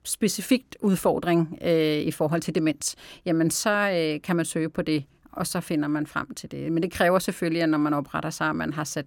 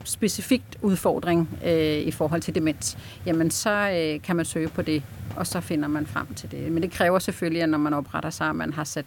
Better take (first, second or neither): first